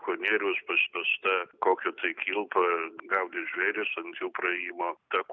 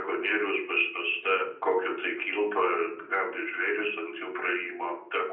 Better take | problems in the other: first | room echo; dies away in 0.6 s

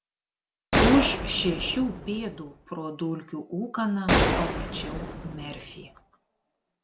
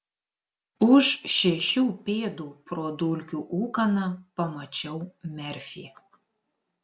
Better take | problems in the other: second | background sound (Gunshot, gunfire); 1 dB above the speech

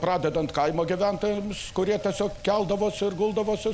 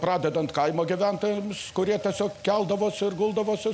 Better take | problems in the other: second | background sound (Boat, Water vehicle); 20 dB below the speech

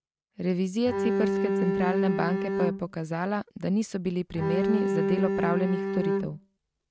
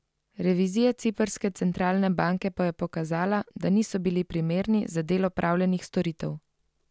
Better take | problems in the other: second | noise reduction (neural mask model RNNoise)

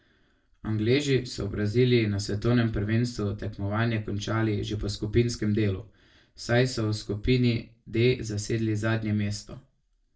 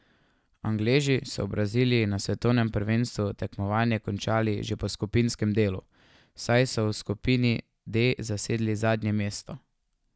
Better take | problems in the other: second | room echo; dies away in 0.2 s

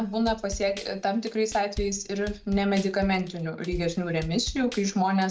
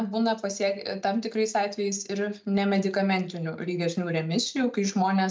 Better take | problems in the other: second | background sound (Drum kit); 14 dB below the speech

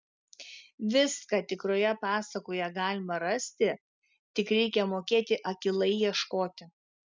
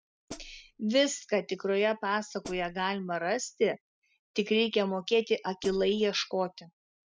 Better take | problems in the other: first | background sound (Hi-hat); 17 dB below the speech

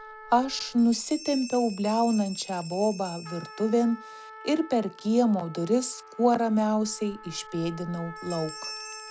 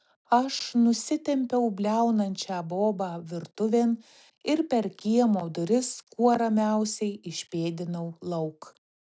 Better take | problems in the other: second | background sound (Bell + Trumpet); 16 dB below the speech

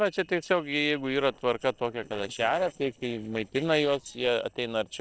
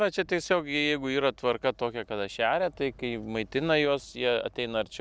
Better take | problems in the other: second | noise reduction (neural separator model SepFormer DNS4)

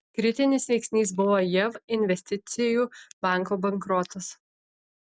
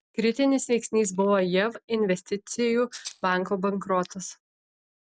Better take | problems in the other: first | background sound (Rattle (instrument)); 15 dB below the speech

